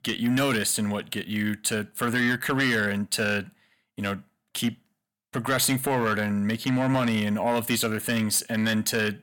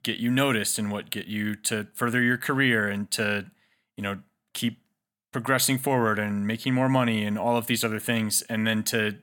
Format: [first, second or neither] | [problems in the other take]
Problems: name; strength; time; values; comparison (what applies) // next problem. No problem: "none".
second | distortion; slight; 10 dB below the speech